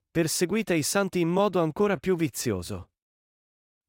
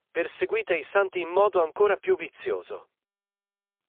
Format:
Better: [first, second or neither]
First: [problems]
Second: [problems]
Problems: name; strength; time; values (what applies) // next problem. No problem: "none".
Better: first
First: none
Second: phone-call audio; poor line